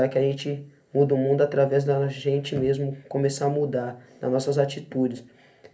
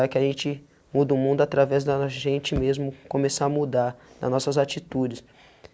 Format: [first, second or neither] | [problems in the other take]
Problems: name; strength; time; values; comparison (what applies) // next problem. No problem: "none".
second | room echo; dies away in 0.3 s